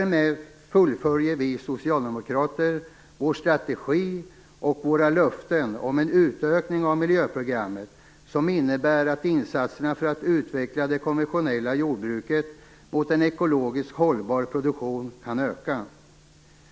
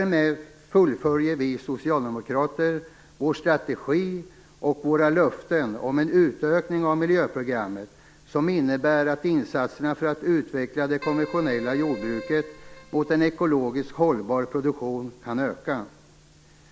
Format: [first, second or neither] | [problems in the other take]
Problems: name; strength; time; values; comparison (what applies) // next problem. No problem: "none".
first | background sound (Keyboard (musical)); 15 dB below the speech